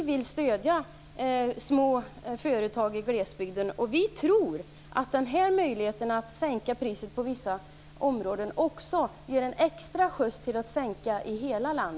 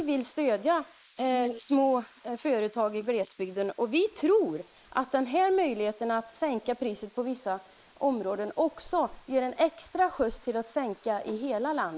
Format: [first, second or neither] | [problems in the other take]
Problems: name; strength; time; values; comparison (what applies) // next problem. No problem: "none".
first | noise reduction (neural mask model Resemble Enhance denoiser)